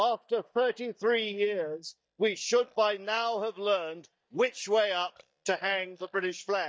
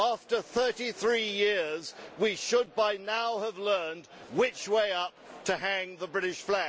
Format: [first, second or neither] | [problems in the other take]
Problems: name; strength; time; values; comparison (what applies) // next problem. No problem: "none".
second | noise reduction (neural mask model DeepFilterNet 3)